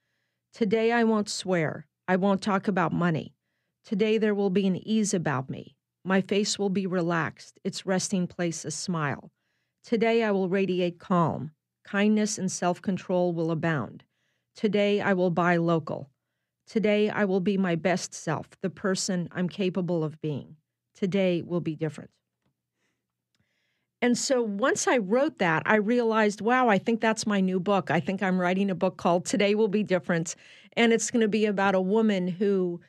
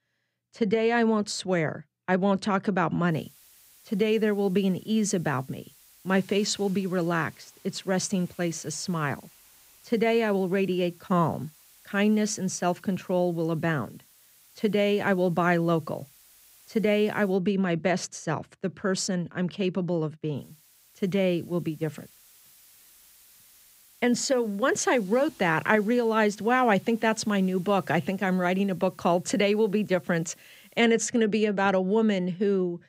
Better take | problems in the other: first | hiss; faint; from 3 to 17 s and from 20 to 31 s; 25 dB below the speech

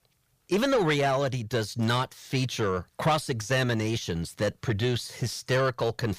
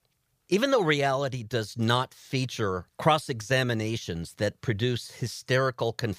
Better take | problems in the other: second | distortion; slight; 9 dB below the speech

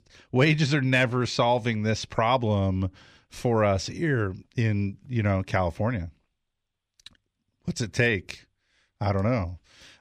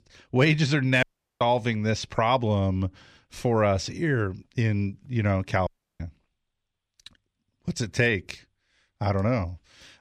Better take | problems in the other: first | audio cutting out; at 1 s and at 5.5 s

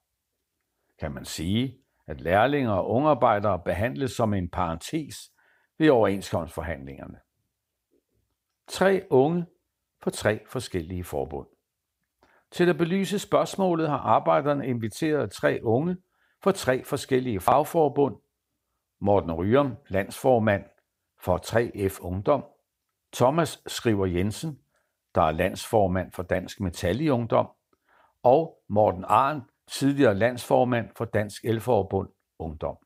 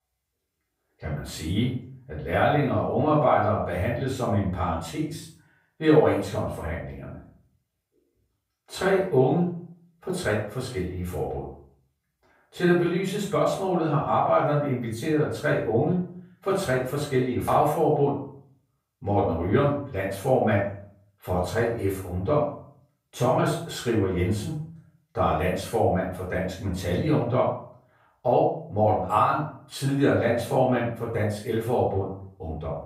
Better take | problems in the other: first | off-mic speech; far // room echo; noticeable; dies away in 0.4 s

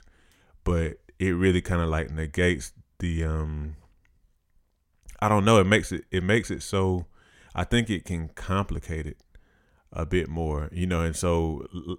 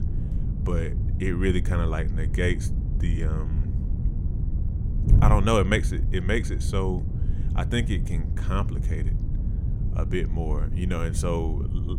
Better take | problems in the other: first | wind noise on the microphone; occasional gusts; 10 dB below the speech

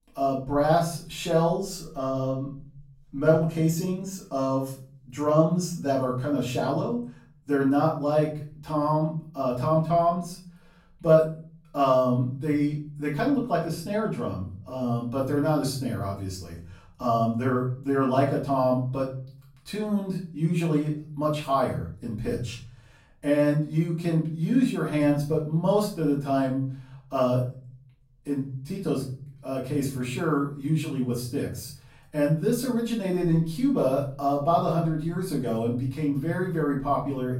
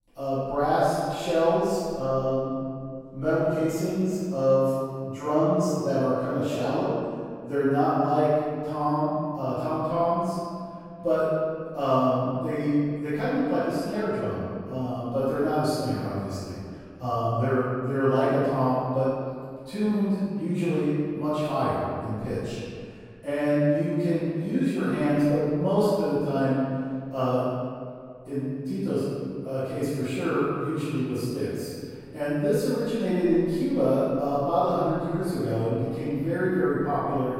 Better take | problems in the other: first | room echo; strong; dies away in 1.9 s; slight in the first // off-mic speech; far; far in the first

